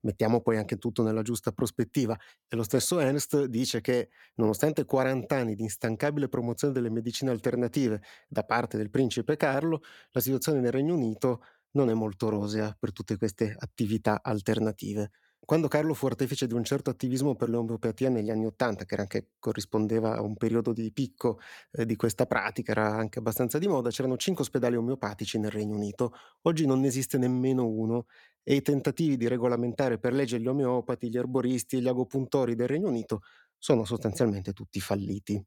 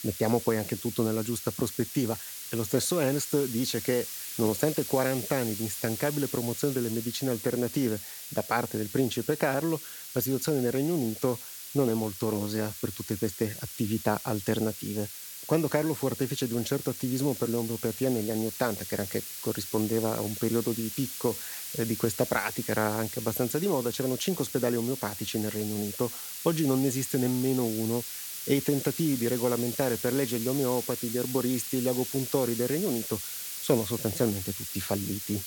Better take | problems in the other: first | hiss; loud; throughout; 6 dB below the speech

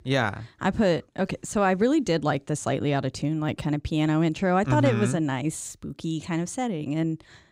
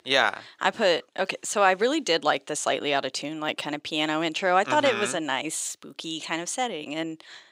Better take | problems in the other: first | thin; somewhat; fading below 500 Hz

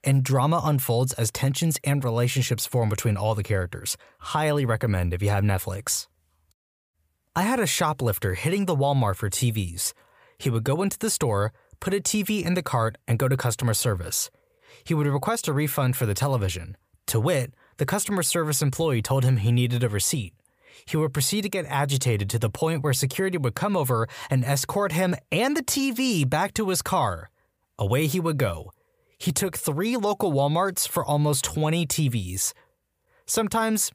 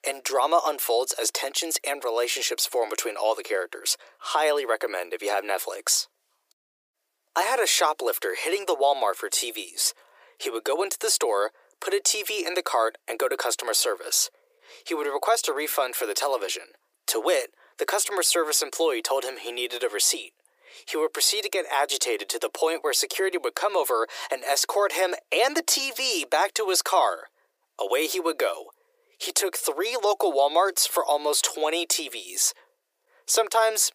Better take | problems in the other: first | thin; very; fading below 350 Hz

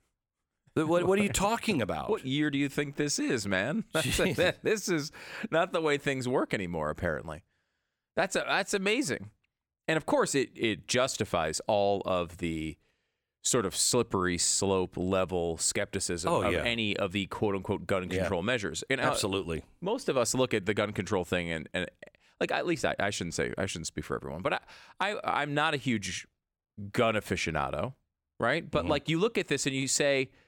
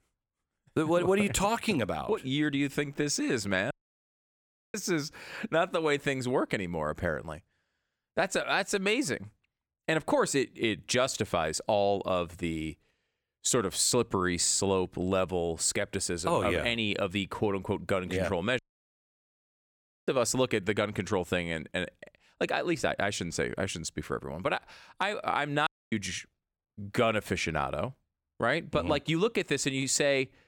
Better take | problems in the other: first | audio cutting out; at 3.5 s for 1 s, at 19 s for 1.5 s and at 26 s

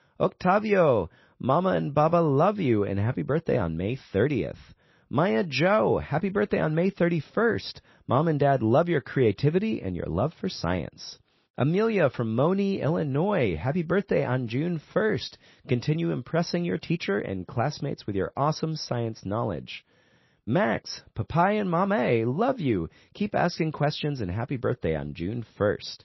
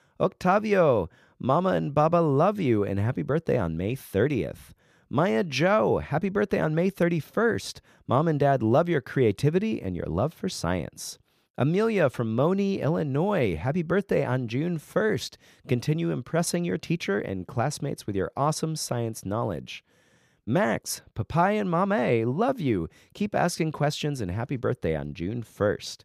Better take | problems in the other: second | garbled, watery; slightly; nothing above 5.5 kHz

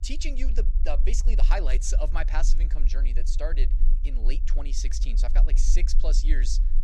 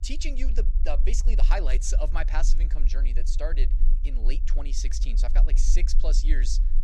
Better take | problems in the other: neither | low rumble; noticeable; throughout; 15 dB below the speech; the same in both

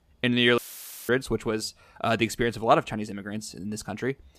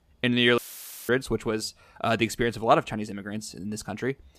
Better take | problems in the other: neither | audio cutting out; filled with static; at 0.5 s for 0.5 s; the same in both

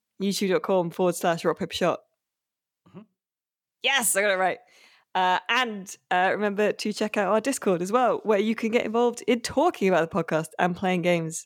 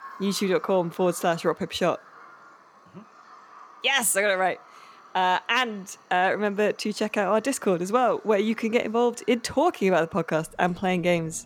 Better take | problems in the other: first | animal sounds; faint; throughout; 25 dB below the speech

